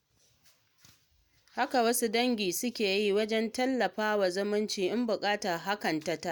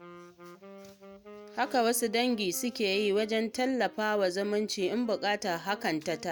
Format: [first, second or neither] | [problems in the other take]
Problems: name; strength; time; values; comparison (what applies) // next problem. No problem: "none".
first | background sound (Wind instrument, woodwind instrument); 20 dB below the speech